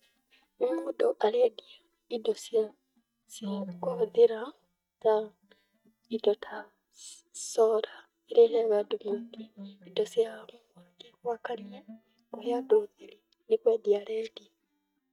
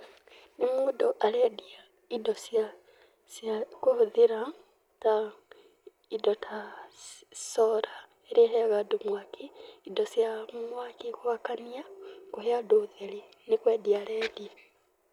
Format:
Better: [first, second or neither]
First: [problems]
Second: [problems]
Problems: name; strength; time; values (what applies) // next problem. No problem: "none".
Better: second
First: noise reduction (neural mask model DeepFilterNet 3)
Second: none